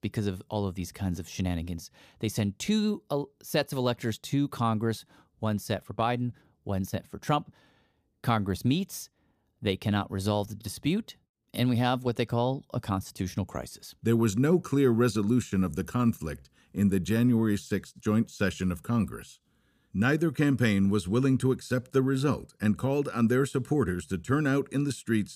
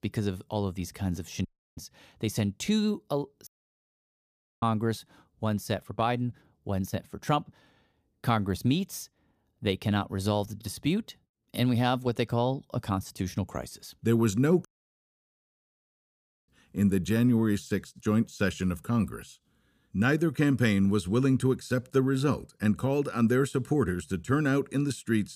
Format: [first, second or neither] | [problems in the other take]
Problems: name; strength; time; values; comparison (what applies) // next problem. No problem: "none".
first | audio cutting out; at 1.5 s, at 3.5 s for 1 s and at 15 s for 2 s